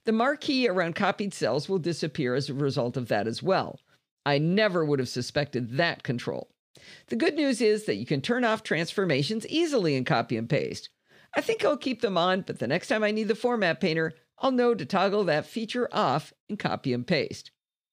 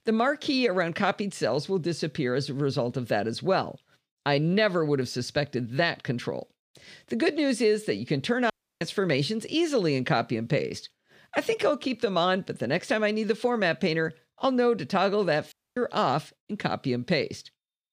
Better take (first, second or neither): first